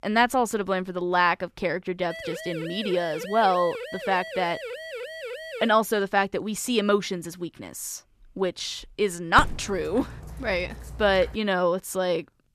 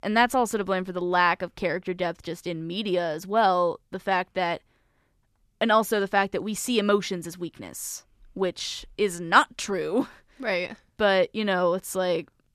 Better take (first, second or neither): second